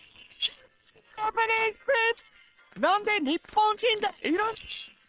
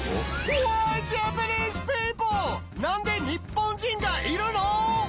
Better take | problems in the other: second | noise reduction (neural separator model SepFormer WHAM!)

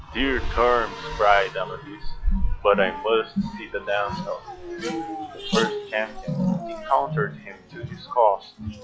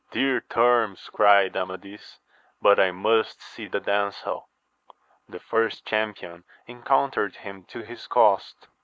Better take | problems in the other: second | noise reduction (classical method log-MMSE)

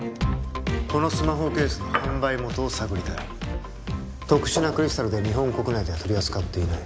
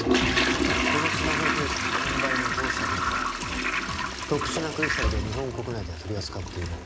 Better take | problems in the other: first | background sound (Toilet flush); 5 dB above the speech

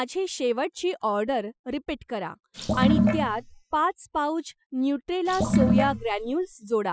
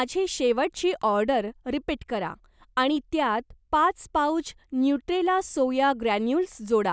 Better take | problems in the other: second | noise reduction (classical method Wiener filter)

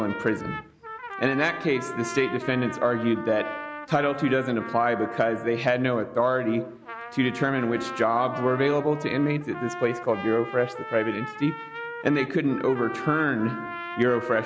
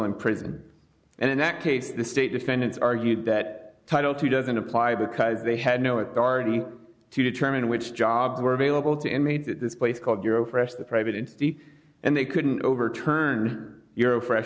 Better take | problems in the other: second | background sound (Trumpet); 12 dB below the speech

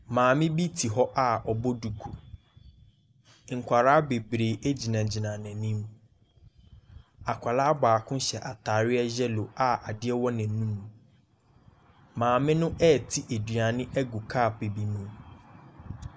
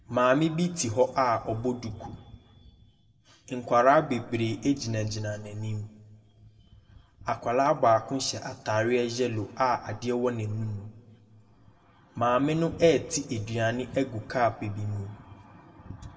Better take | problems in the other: first | room echo; dies away in 1.1 s

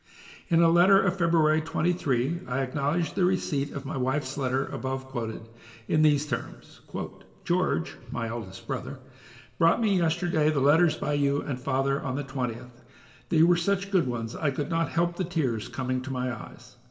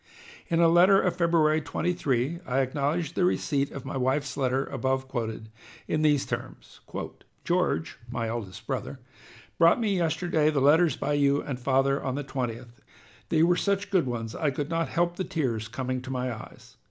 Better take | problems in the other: second | room echo; dies away in 1.4 s

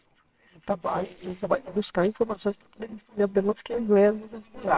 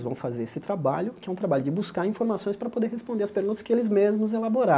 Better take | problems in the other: second | noise reduction (neural separator model SepFormer WHAMR!)

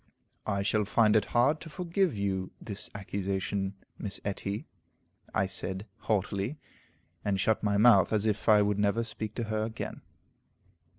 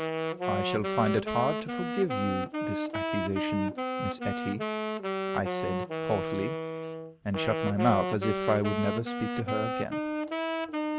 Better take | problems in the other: first | background sound (Wind instrument, woodwind instrument); as loud as the speech

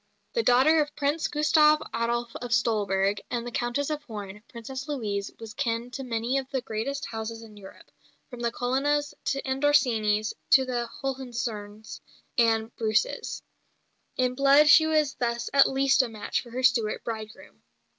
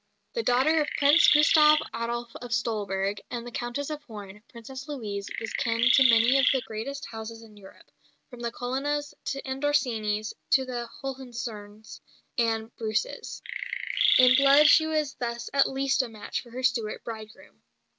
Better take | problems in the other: first | background sound (Chirp, tweet); 4 dB above the speech

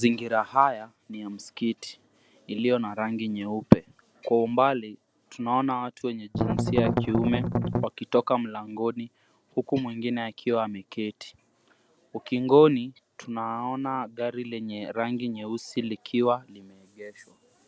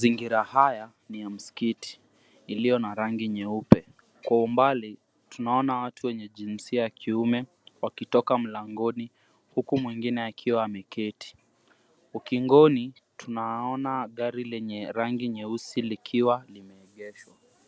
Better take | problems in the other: second | background sound (Strum); 2 dB above the speech

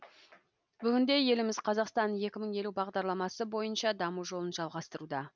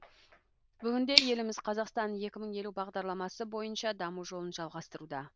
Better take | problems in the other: first | noise reduction (neural diffusion model UNIVERSE++)

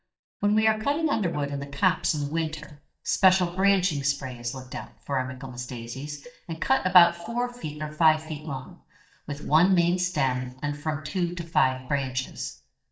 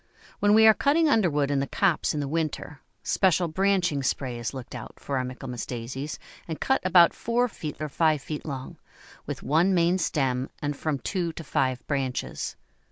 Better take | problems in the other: second | noise reduction (neural mask model DeepFilterNet 3)

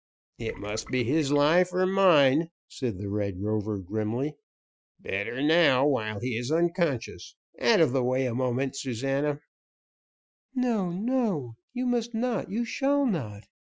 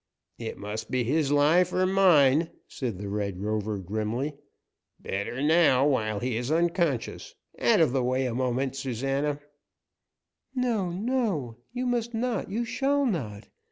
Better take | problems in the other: second | noise reduction (classical method Wiener filter)

